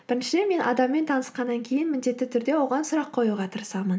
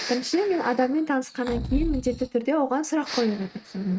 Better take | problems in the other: first | noise reduction (neural mask model RNNoise)

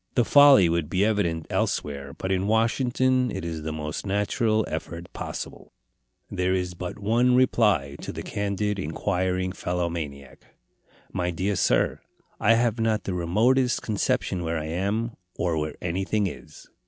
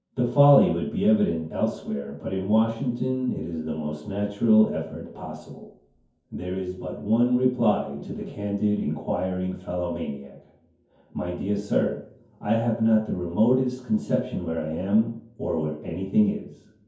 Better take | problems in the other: first | room echo; dies away in 0.6 s

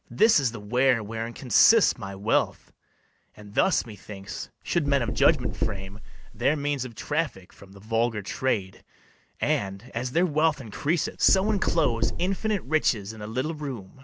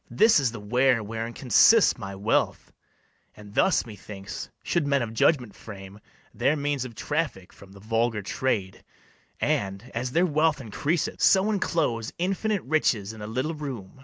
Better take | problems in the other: second | background sound (Knock); 1 dB above the speech

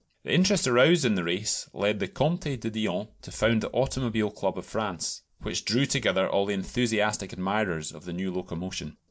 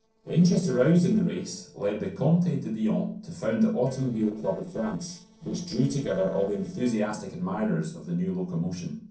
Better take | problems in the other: first | noise reduction (neural separator model SepFormer DNS4)

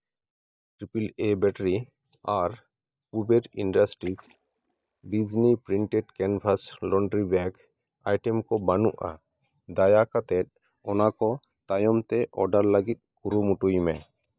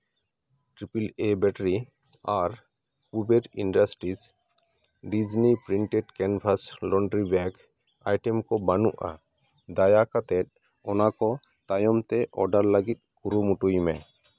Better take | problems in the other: second | noise reduction (neural mask model DeepFilterNet 3)

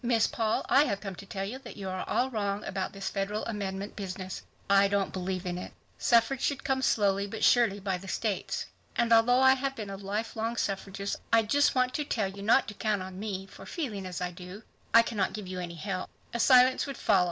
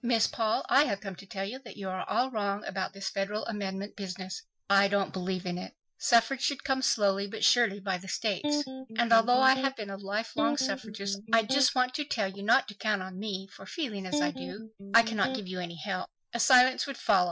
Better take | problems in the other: first | noise reduction (classical method Wiener filter)

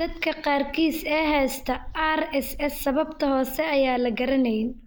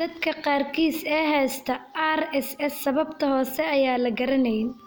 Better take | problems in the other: second | noise reduction (neural mask model Resemble Enhance denoiser)

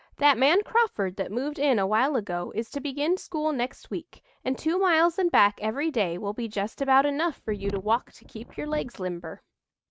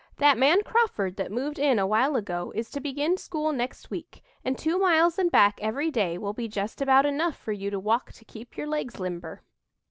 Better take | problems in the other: second | noise reduction (neural mask model RNNoise)

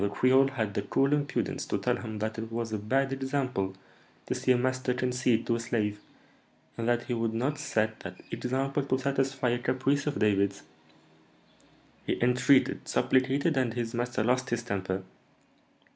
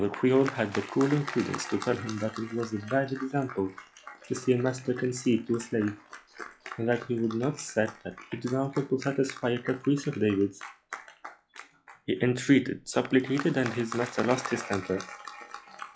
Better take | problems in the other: first | noise reduction (classical method log-MMSE)

